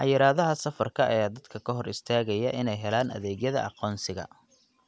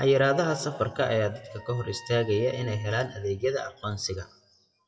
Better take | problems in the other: first | noise reduction (classical method WPE with log-MMSE)

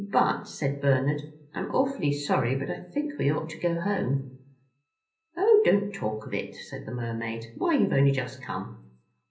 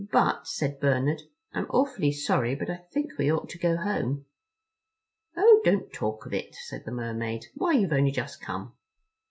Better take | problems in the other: second | room echo; dies away in 0.5 s

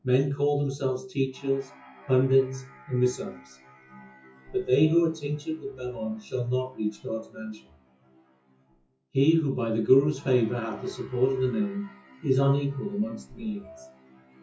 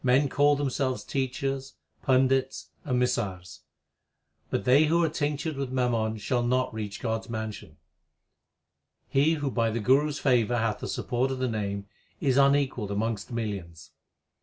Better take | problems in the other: second | noise reduction (classical method WPE with log-MMSE)

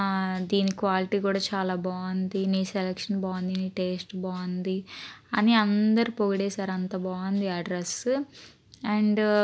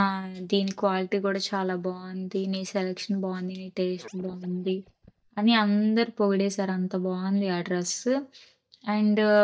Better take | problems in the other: first | noise reduction (neural mask model DeepFilterNet 3)

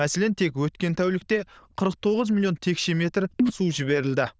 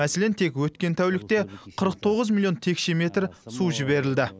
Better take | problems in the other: second | noise reduction (neural diffusion model UNIVERSE++)

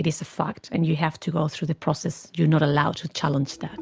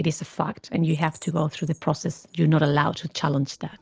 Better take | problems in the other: first | noise reduction (neural separator model SepFormer DNS4)

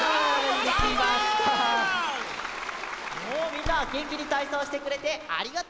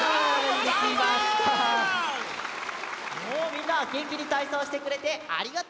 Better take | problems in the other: second | background sound (Door); 14 dB below the speech

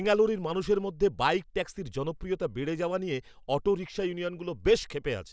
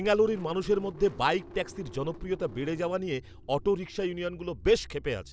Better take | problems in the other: first | background sound (Engine starting / Car); 19 dB below the speech

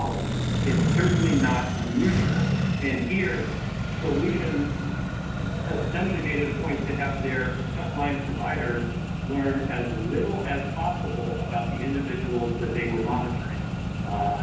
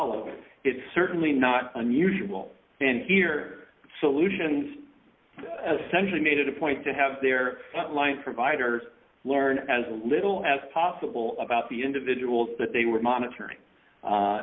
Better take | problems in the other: second | background sound (Accelerating, revving, vroom); 2 dB above the speech // room echo; dies away in 0.9 s

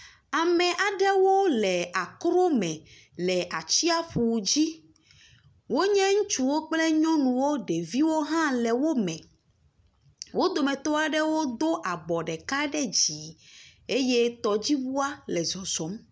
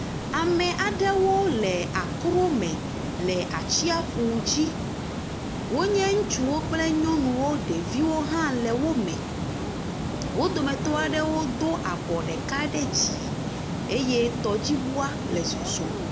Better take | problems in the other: first | background sound (Water); 4 dB below the speech

